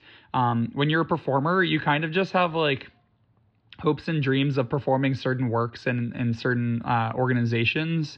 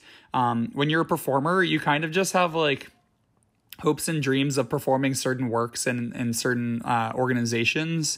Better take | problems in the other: second | muffled; slightly; fading above 4 kHz

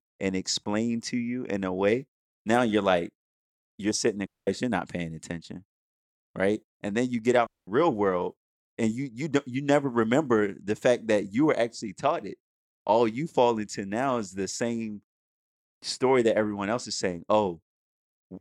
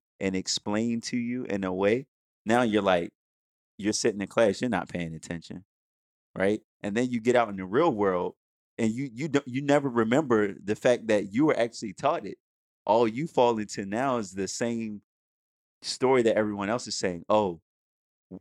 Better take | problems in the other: second | audio cutting out; at 4.5 s and at 7.5 s

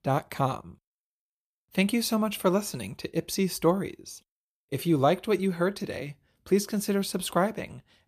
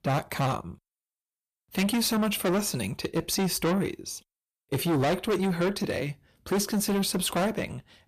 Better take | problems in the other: first | distortion; heavy; 6 dB below the speech

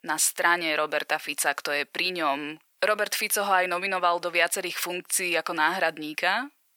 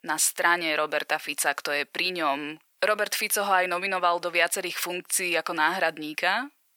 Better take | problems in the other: neither | thin; very; fading below 700 Hz; the same in both

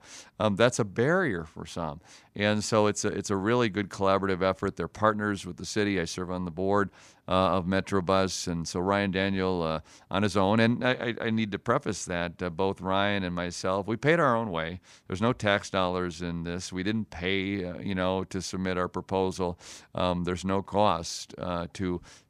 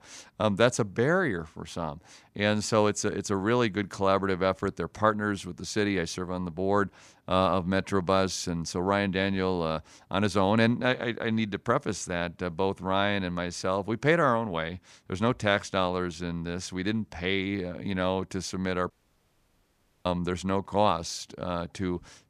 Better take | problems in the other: first | audio cutting out; at 19 s for 1 s

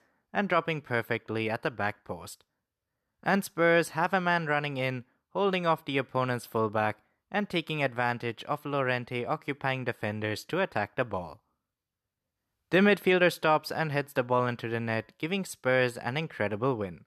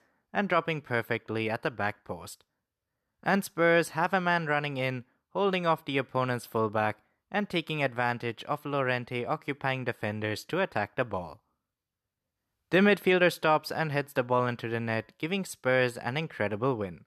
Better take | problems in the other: neither | none

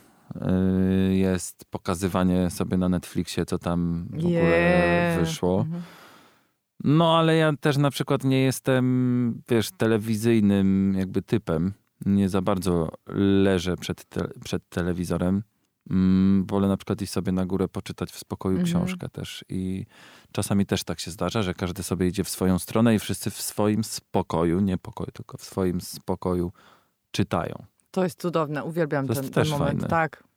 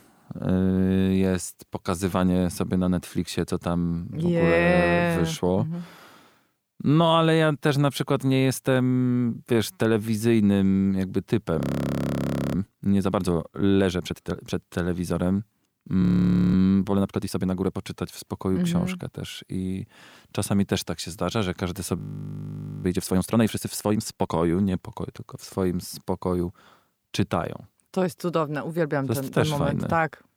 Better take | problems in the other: first | audio freezing; at 12 s for 1 s, at 16 s for 0.5 s and at 22 s for 1 s

